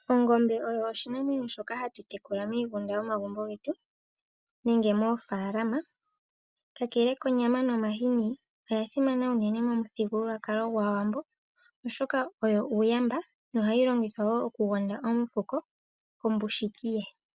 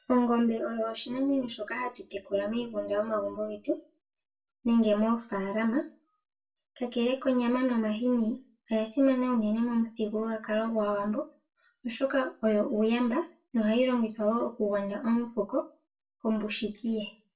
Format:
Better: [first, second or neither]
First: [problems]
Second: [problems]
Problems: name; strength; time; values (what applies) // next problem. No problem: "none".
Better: first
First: none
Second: room echo; dies away in 0.2 s